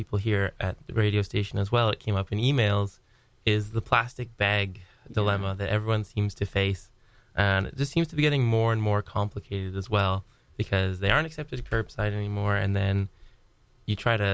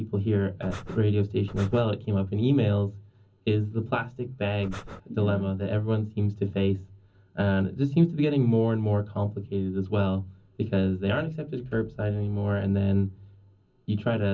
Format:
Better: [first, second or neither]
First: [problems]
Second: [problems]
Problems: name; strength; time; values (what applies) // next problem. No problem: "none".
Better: first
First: none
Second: background sound (Breathing); 13 dB below the speech // room echo; dies away in 0.4 s